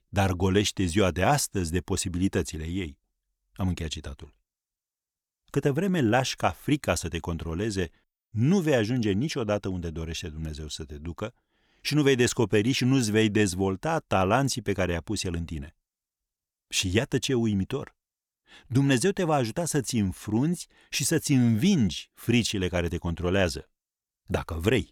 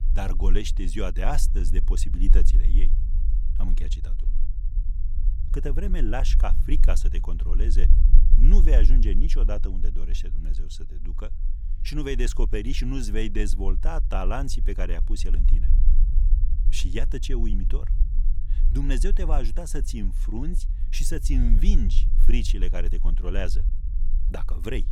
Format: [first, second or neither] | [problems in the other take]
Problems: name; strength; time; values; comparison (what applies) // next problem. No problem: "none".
first | low rumble; noticeable; throughout; 15 dB below the speech